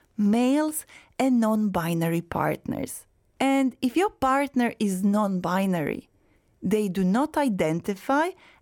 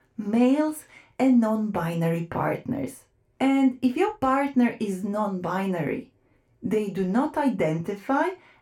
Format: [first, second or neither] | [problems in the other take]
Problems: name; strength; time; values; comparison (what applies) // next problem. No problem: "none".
first | room echo; very slight; dies away in 0.2 s // off-mic speech; somewhat distant